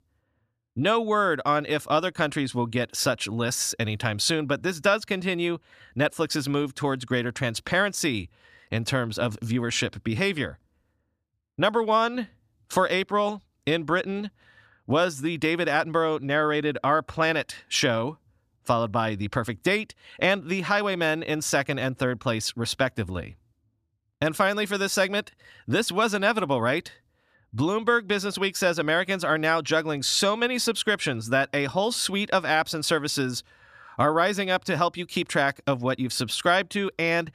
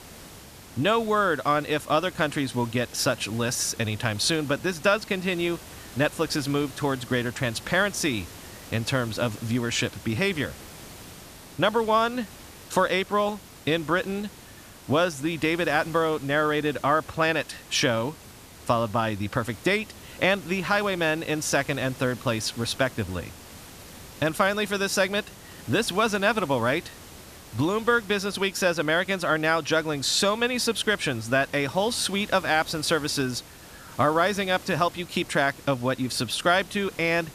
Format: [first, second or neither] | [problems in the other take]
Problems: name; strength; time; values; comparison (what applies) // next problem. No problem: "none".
first | hiss; noticeable; throughout; 20 dB below the speech